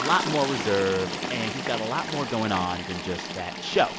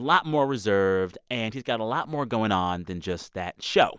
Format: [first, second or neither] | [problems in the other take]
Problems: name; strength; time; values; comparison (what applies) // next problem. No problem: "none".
second | background sound (Toilet flush); 5 dB below the speech